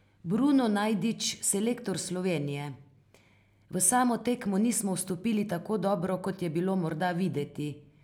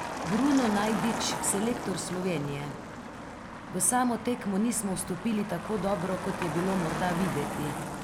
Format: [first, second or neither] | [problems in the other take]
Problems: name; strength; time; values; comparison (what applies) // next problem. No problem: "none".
first | background sound (Motor vehicle (road)); 5 dB below the speech